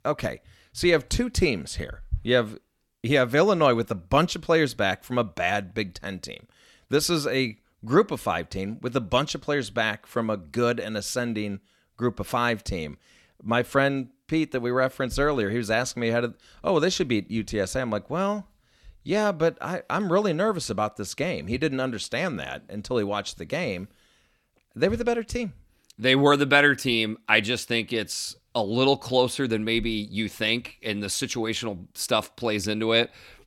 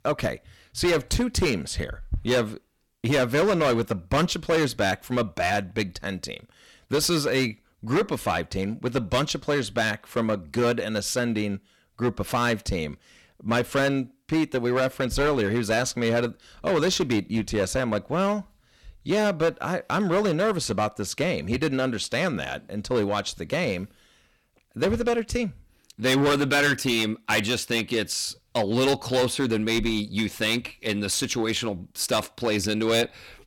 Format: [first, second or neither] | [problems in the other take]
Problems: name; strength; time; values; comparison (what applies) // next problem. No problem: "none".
first | distortion; heavy; 9% of the sound clipped